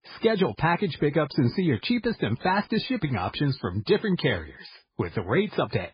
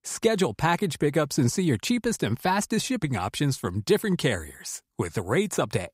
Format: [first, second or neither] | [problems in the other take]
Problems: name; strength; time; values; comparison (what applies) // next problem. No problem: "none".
second | garbled, watery; badly; nothing above 5 kHz